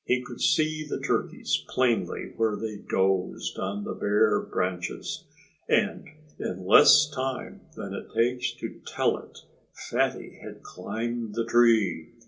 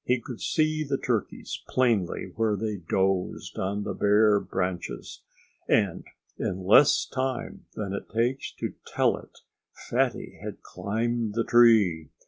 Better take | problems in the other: second | room echo; dies away in 0.2 s

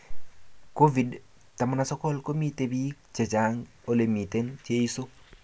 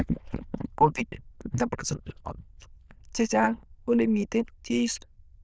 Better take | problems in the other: first | noise reduction (neural diffusion model UNIVERSE++)

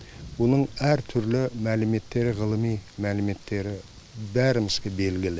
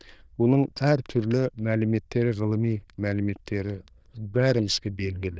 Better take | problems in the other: first | noise reduction (neural diffusion model UNIVERSE++)

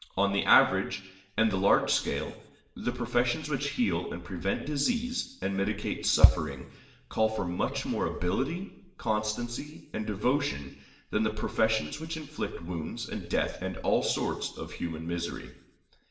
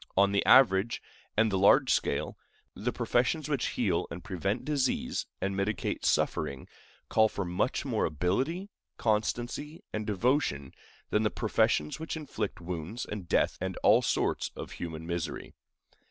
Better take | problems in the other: second | background sound (Bass drum); 2 dB above the speech // room echo; dies away in 0.8 s

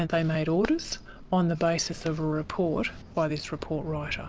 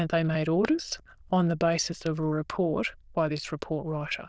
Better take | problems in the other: first | noise reduction (neural diffusion model UNIVERSE++)

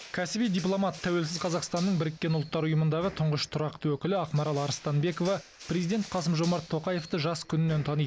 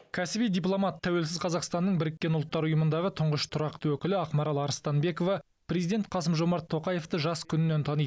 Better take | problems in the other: second | background sound (Crushing); 19 dB below the speech

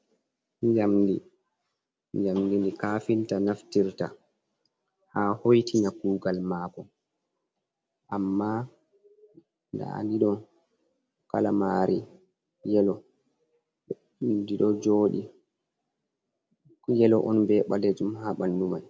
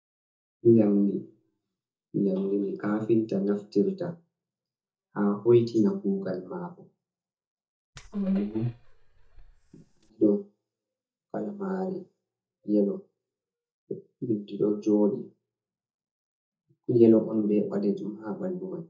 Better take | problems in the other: first | noise reduction (neural mask model DeepFilterNet 3)

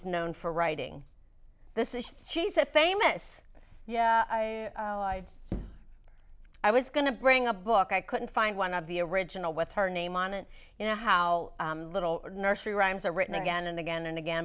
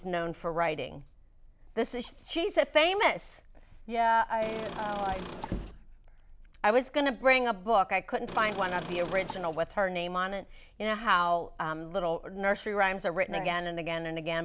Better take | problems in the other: first | background sound (Engine / Car); 11 dB below the speech

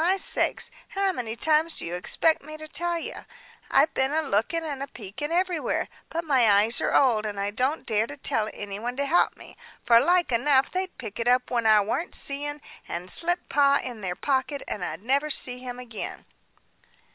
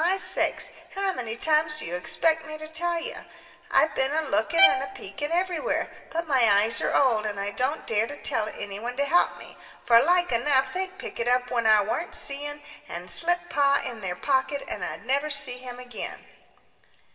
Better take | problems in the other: first | background sound (Bowed string instrument); 3 dB below the speech // room echo; dies away in 1.7 s

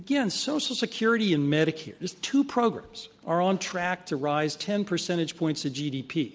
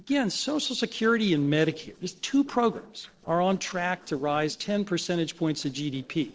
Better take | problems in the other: first | noise reduction (neural separator model SepFormer DNS4)

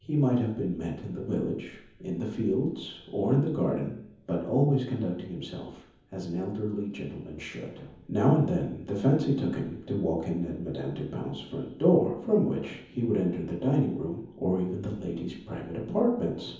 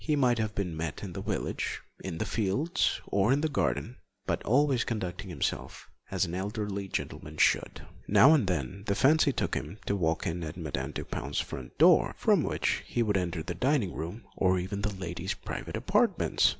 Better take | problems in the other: second | room echo; dies away in 0.7 s

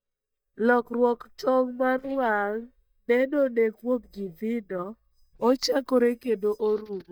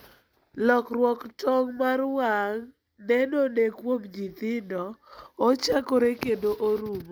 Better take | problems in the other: second | noise reduction (neural mask model DeepFilterNet 3)

